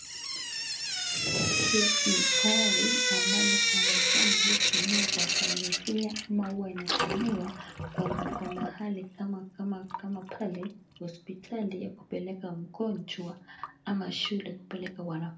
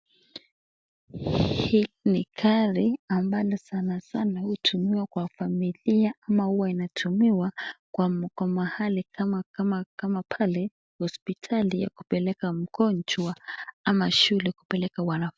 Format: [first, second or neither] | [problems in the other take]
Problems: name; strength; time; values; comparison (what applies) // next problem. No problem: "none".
second | background sound (Drip / Sink (filling or washing)); 4 dB above the speech // room echo; dies away in 0.3 s